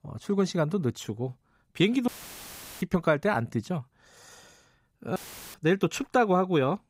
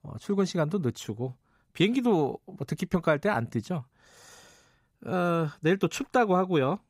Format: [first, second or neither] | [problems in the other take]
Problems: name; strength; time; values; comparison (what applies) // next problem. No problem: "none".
second | audio cutting out; filled with static; at 2 s for 0.5 s and at 5 s